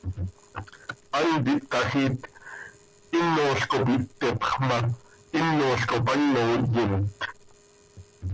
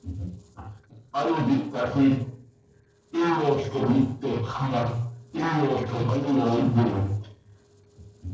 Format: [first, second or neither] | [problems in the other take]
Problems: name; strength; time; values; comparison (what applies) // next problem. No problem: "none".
first | noise reduction (neural separator model SepFormer DNS4)